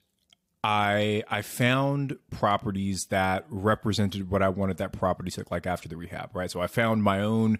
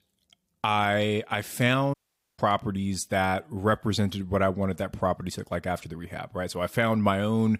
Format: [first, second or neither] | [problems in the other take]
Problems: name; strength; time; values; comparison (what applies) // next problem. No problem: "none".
first | audio cutting out; at 2 s